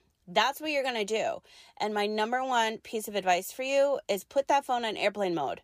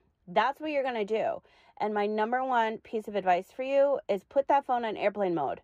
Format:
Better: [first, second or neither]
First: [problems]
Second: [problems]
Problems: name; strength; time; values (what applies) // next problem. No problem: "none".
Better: first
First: none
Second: muffled; very; fading above 3 kHz